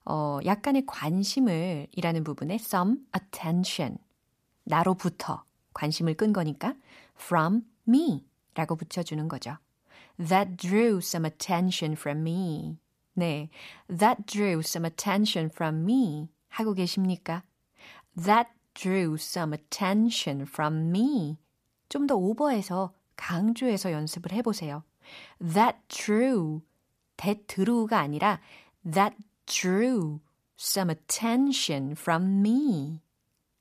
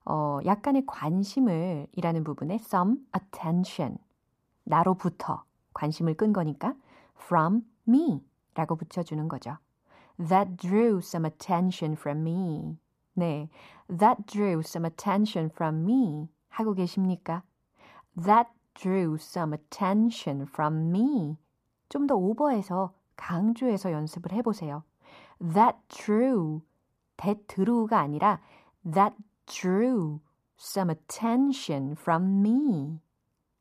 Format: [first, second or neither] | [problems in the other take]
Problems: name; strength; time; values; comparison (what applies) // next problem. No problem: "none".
first | muffled; slightly; fading above 1.5 kHz